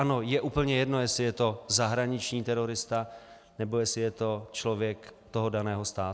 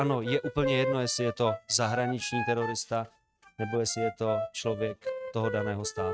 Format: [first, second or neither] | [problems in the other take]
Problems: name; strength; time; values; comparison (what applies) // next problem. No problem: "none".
first | noise reduction (neural mask model RNNoise)